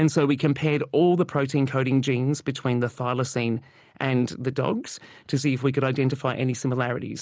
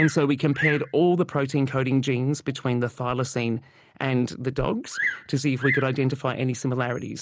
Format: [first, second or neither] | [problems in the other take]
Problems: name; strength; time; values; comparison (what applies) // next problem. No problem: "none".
first | background sound (Bird vocalization, bird call, bird song); 11 dB below the speech